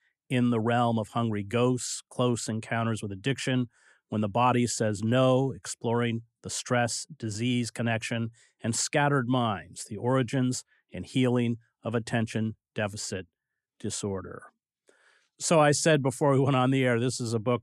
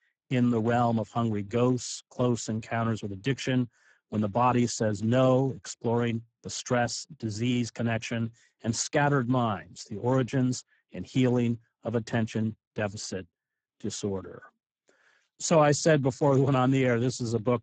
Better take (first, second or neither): first